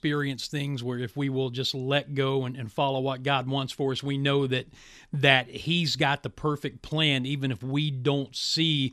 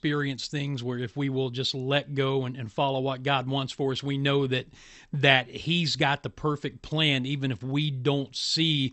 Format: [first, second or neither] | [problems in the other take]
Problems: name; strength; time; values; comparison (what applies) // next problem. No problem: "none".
first | garbled, watery; slightly; nothing above 8 kHz